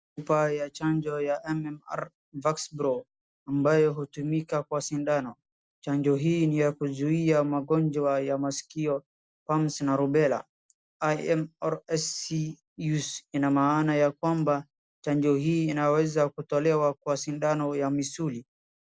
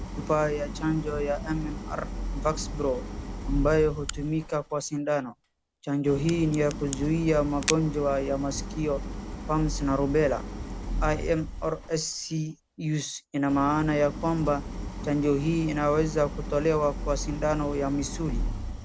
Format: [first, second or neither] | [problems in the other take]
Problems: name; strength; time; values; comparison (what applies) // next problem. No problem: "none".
first | background sound (Idling + Crack); 7 dB below the speech